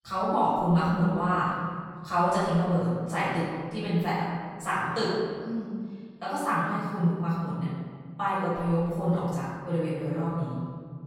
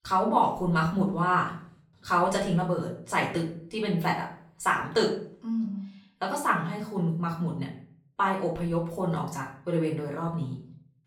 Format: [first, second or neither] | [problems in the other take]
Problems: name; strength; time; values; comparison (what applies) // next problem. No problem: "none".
second | room echo; strong; dies away in 1.8 s; slight in the second // off-mic speech; far; far in the second